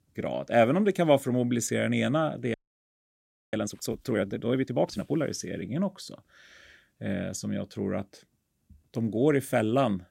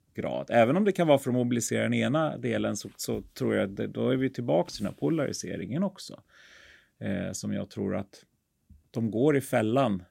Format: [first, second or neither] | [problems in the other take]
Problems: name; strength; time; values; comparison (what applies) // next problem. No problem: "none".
second | audio freezing; at 2.5 s for 1 s